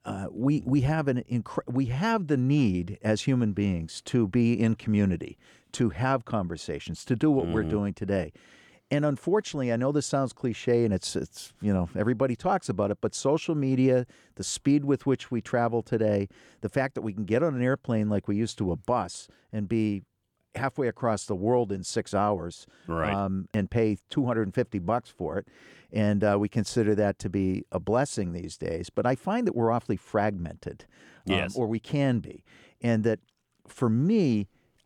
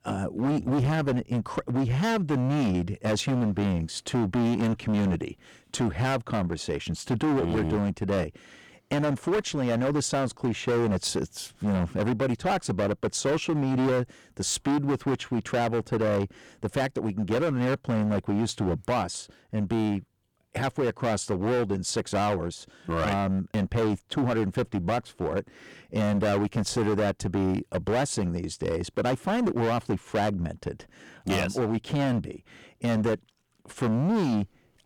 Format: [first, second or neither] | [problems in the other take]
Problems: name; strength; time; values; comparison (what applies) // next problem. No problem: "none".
first | distortion; heavy; 19% of the sound clipped